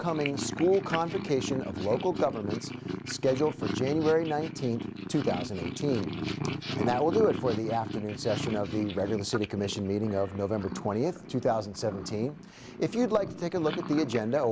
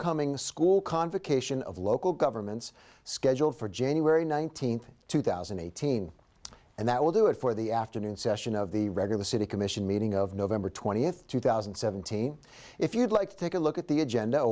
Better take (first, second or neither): second